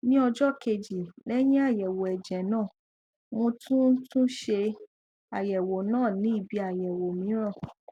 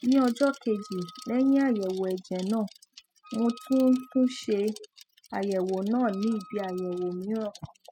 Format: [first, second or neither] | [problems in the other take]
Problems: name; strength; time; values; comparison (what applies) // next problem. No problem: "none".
first | noise reduction (classical method spectral subtraction)